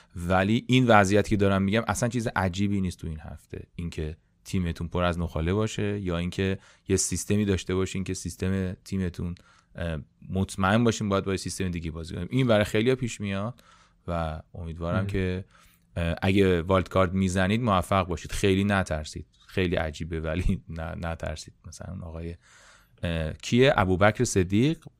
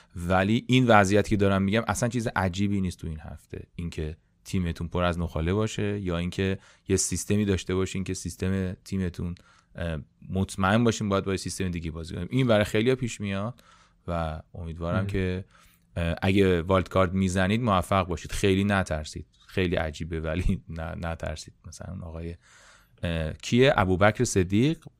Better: neither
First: none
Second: none

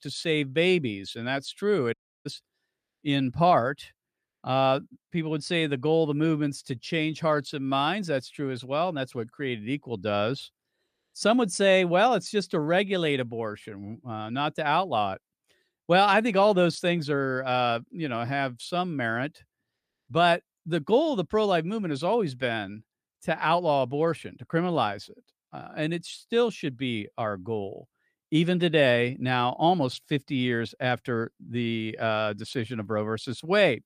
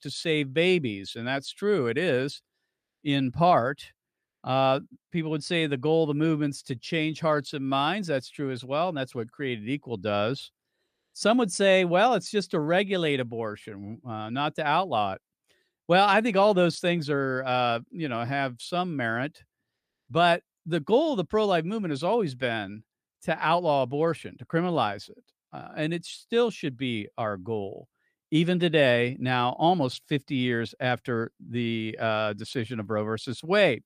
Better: second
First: audio cutting out; at 2 s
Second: none

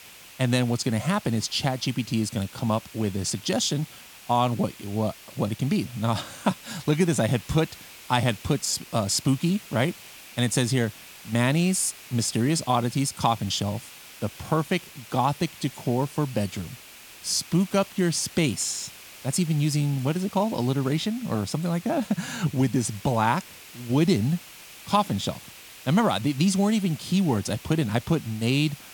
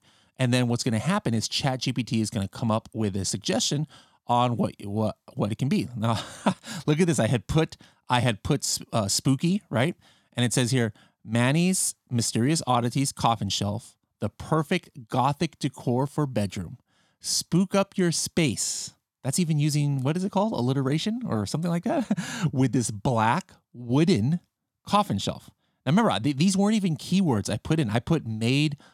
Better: second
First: hiss; noticeable; throughout; 20 dB below the speech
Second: none

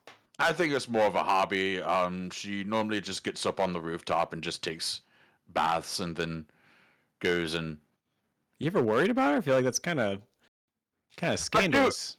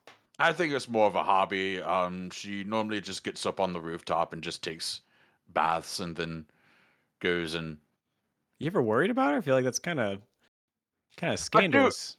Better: second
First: distortion; slight; 3% of the sound clipped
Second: none

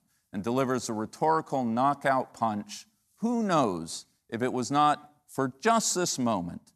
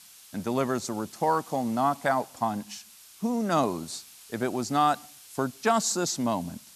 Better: first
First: none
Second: hiss; faint; throughout; 20 dB below the speech

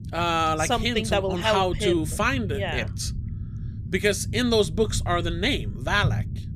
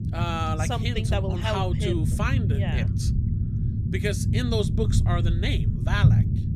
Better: first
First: low rumble; faint; throughout; 20 dB below the speech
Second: low rumble; loud; throughout; 7 dB below the speech

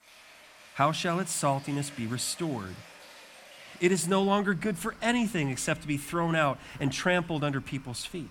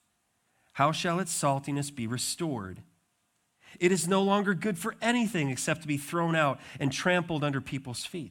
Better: second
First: rain or running water; faint; throughout; 20 dB below the speech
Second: none

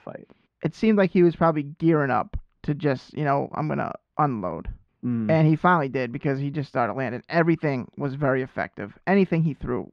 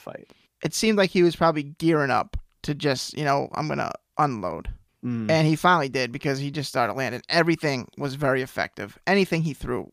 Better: second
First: muffled; very; fading above 2 kHz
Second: none

